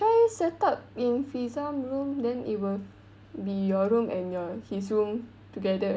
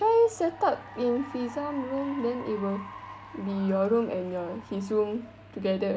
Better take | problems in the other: first | background sound (Applause / Cheering); 17 dB below the speech

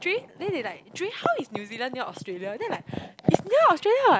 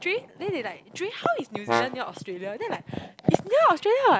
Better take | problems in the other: first | background sound (Brass instrument); 5 dB below the speech

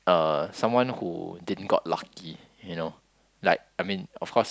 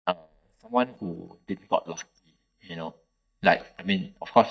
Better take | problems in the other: first | noise reduction (neural mask model DeepFilterNet 3)

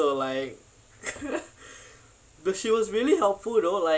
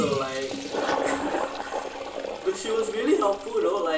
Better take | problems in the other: first | background sound (Toilet flush); 4 dB below the speech // room echo; dies away in 0.3 s

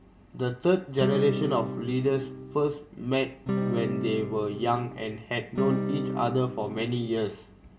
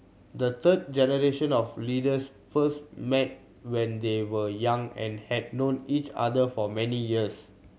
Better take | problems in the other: second | background sound (Acoustic guitar / Strum); 3 dB below the speech // room echo; dies away in 0.2 s

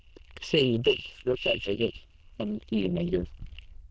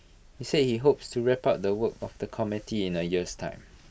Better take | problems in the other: second | noise reduction (neural diffusion model UNIVERSE++)

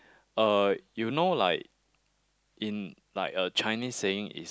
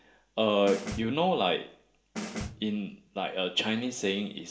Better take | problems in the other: first | background sound (Snare drum); 10 dB below the speech // room echo; dies away in 0.5 s

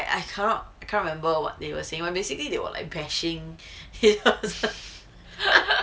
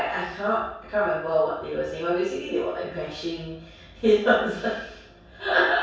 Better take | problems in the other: first | room echo; dies away in 0.7 s

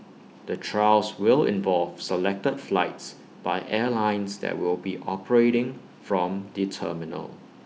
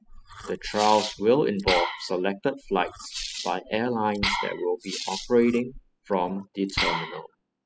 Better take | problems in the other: first | noise reduction (classical method spectral subtraction)

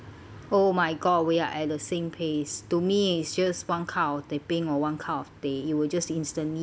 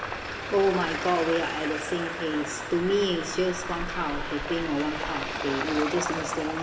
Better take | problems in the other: first | background sound (Traffic noise, roadway noise); 4 dB below the speech // room echo; dies away in 1.6 s

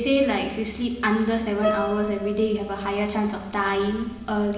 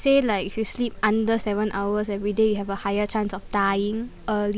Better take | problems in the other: second | background sound (Piano); 11 dB below the speech // room echo; dies away in 1 s

